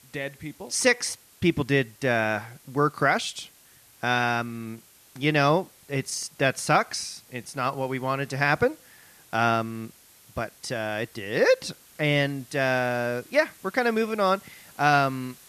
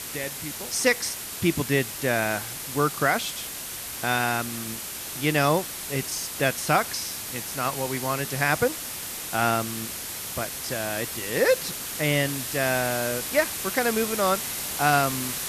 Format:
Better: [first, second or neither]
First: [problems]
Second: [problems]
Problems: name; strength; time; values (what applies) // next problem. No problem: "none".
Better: first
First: hiss; faint; throughout; 25 dB below the speech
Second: hiss; loud; throughout; 5 dB below the speech